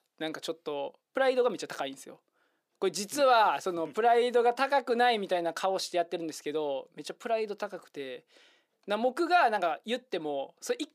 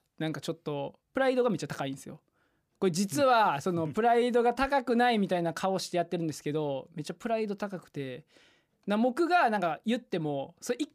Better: second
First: thin; somewhat; fading below 450 Hz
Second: none

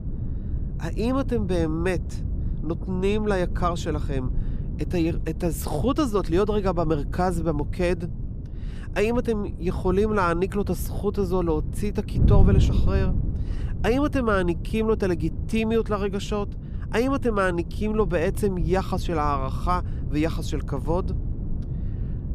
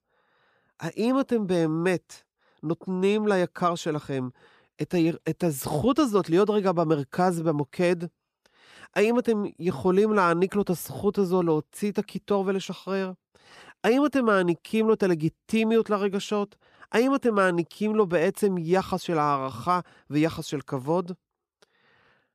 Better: second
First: wind noise on the microphone; occasional gusts; 15 dB below the speech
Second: none

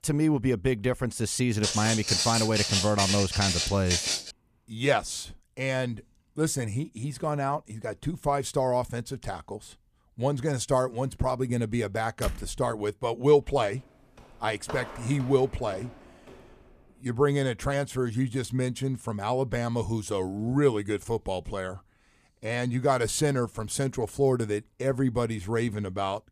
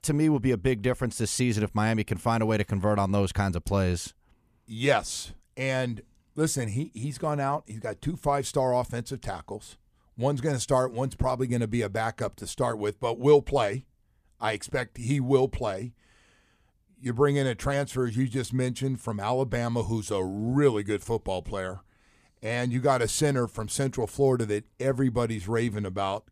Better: second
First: footsteps; loud; from 1.5 to 4.5 s; peak 4 dB above the speech // door banging; noticeable; at 12 s; peak 8 dB below the speech // footsteps; faint; from 14 to 17 s; peak 10 dB below the speech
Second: none

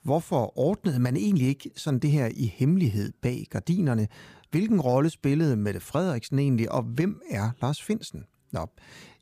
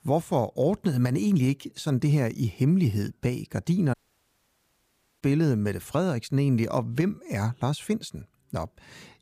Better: first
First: none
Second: audio cutting out; at 4 s for 1.5 s

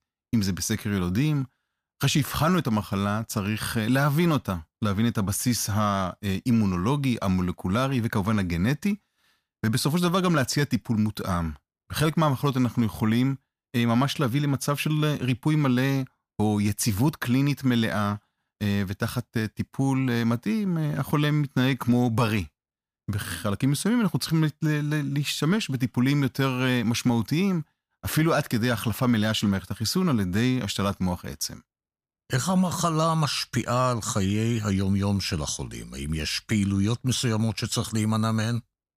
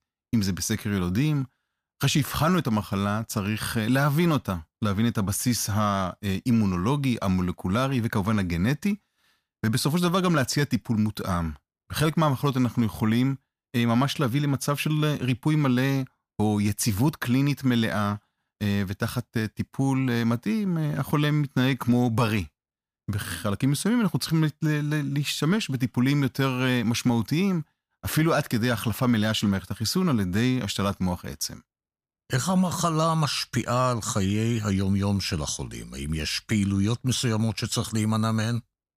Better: neither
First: none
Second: none

